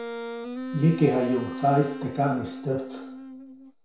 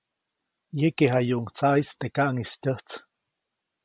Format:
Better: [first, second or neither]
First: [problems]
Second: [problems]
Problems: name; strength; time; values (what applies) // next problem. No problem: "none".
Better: second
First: background sound (Wind instrument, woodwind instrument); 9 dB below the speech // room echo; dies away in 0.6 s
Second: none